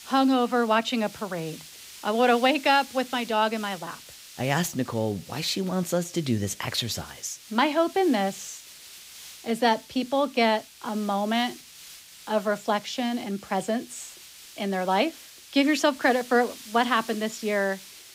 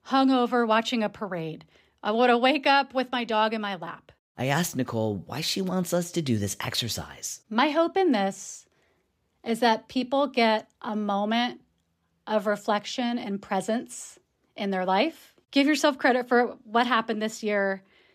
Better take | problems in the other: second | hiss; noticeable; throughout; 20 dB below the speech

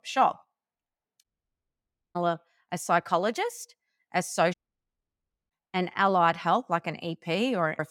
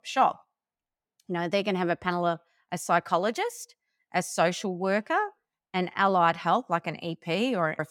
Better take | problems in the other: second | audio cutting out; at 1 s for 1 s and at 4.5 s for 1 s

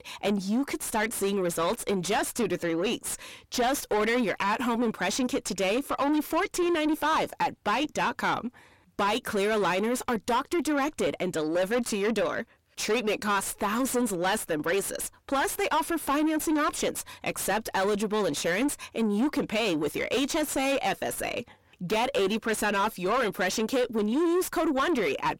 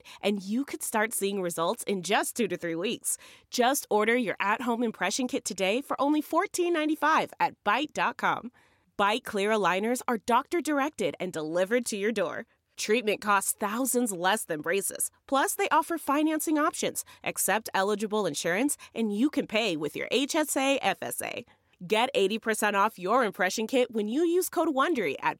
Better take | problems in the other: second | distortion; heavy; 7 dB below the speech

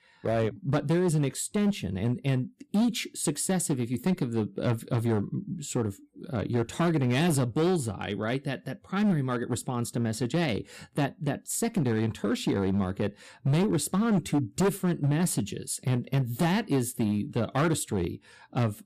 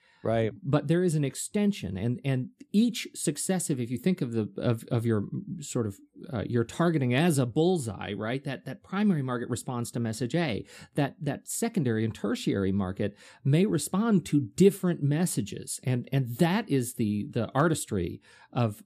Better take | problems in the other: second | distortion; slight; 8% of the sound clipped

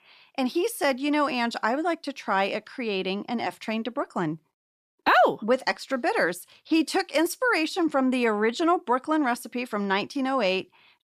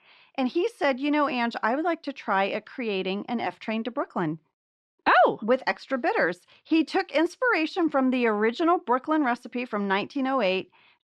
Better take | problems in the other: first | muffled; very slightly; fading above 3.5 kHz

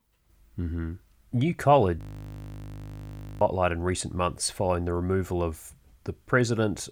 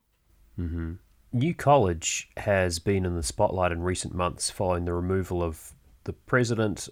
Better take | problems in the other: second | audio freezing; at 2 s for 1.5 s

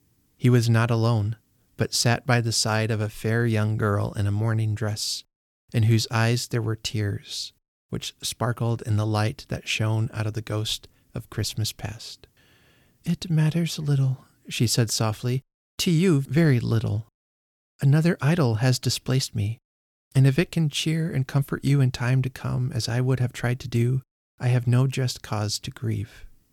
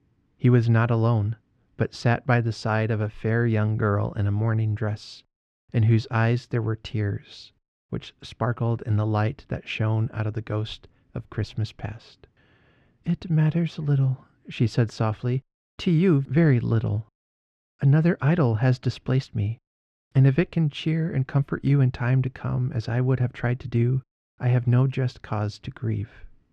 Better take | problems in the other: first | muffled; very; fading above 2 kHz

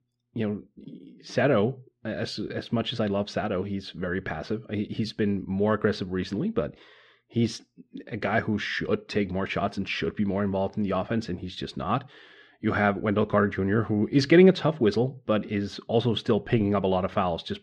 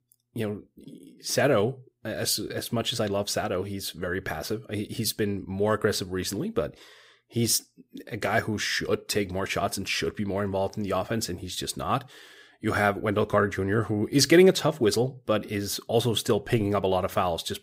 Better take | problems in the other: second | muffled; slightly; fading above 3.5 kHz

